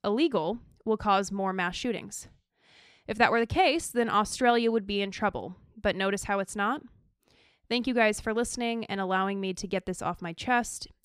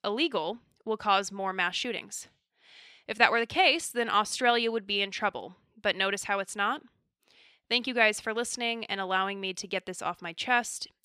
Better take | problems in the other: first | thin; very slightly; fading below 450 Hz

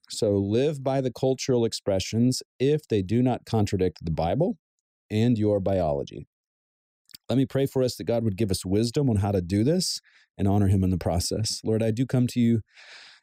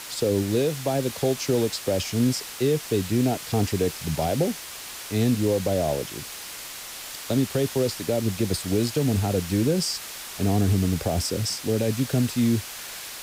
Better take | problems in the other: first | hiss; loud; throughout; 10 dB below the speech

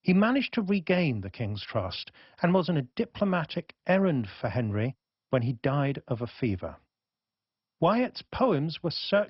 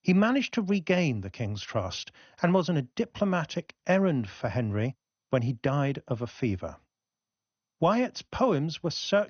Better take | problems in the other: second | garbled, watery; badly; nothing above 5 kHz; slightly in the second

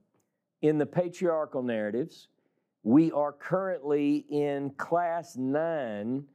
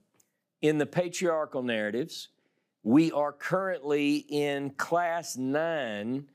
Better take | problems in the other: second | muffled; slightly; fading above 1.5 kHz

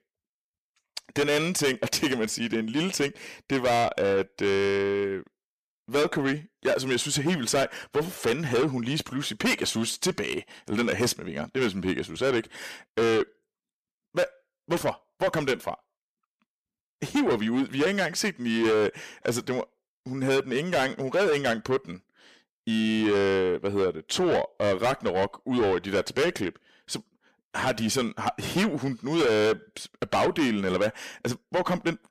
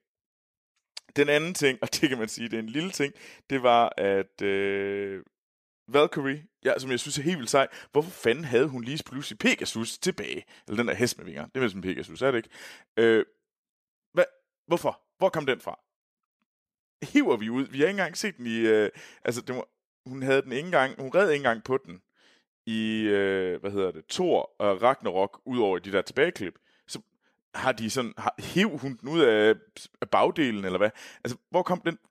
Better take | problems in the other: second | distortion; heavy; 6 dB below the speech

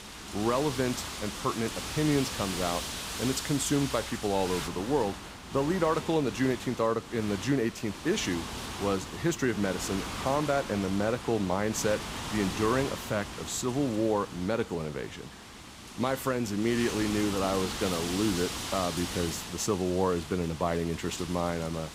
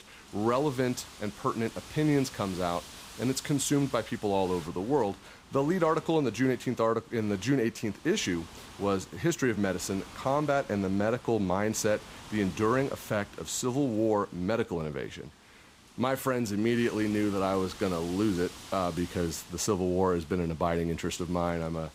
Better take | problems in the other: second | wind noise on the microphone; heavy; 6 dB below the speech; occasional gusts in the second

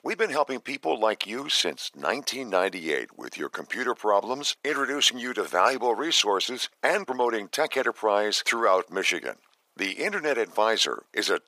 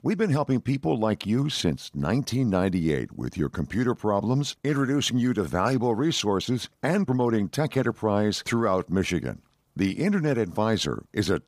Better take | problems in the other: second | thin; very; fading below 450 Hz

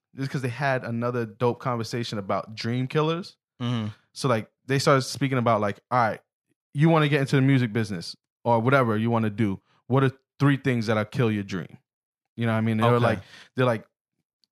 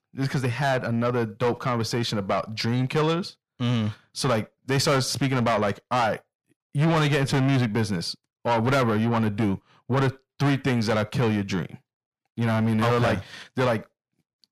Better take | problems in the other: first | distortion; heavy; 7 dB below the speech

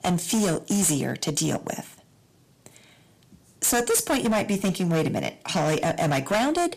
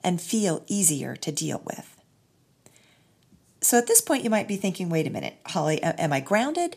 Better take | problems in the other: second | distortion; heavy; 14% of the sound clipped

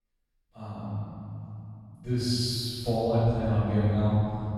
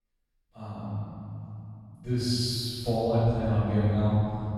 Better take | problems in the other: neither | room echo; strong; dies away in 2.8 s; the same in both // off-mic speech; far; the same in both

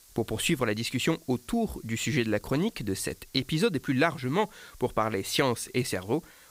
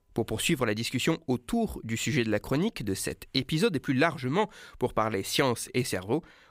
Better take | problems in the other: second | hiss; faint; throughout; 25 dB below the speech

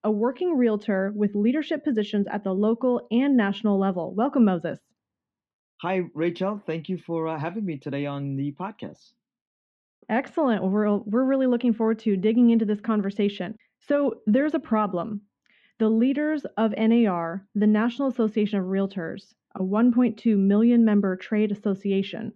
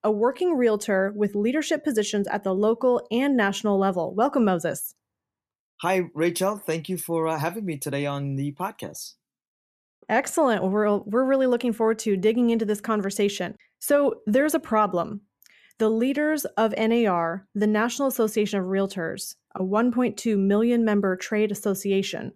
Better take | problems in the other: second | muffled; very; fading above 3.5 kHz

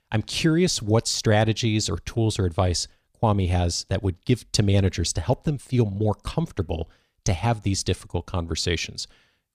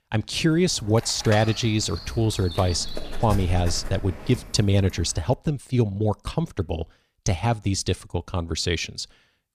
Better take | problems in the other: first | dog barking; noticeable; from 1 to 5 s; peak 7 dB below the speech

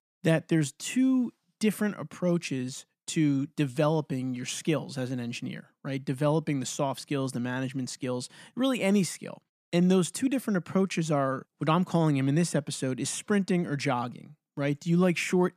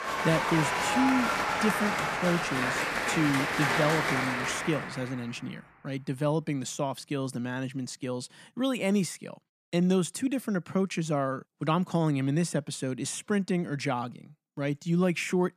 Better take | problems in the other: first | crowd noise; very loud; until 4.5 s; 1 dB above the speech

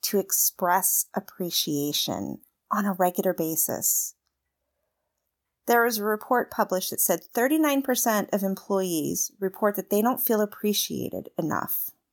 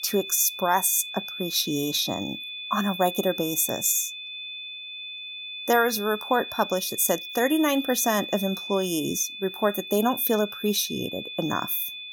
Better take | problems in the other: first | high-pitched whine; loud; throughout; 3.5 kHz, 9 dB below the speech

